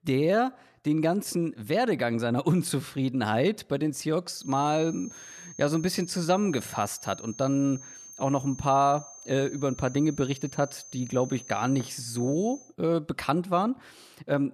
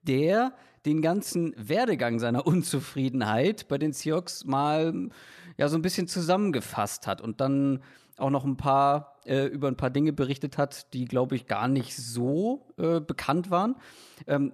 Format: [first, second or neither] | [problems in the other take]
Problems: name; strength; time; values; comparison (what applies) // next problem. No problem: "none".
second | high-pitched whine; noticeable; from 4.5 to 13 s; 6.5 kHz, 15 dB below the speech